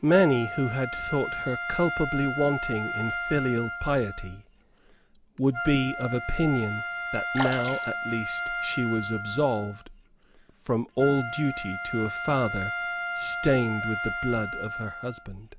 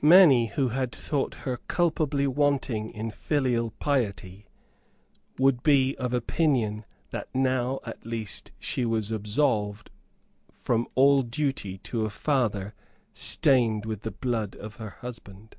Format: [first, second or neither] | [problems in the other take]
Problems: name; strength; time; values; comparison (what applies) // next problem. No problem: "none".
second | background sound (Wind instrument, woodwind instrument + Sink (filling or washing) / Water / Splash, splatter); 5 dB below the speech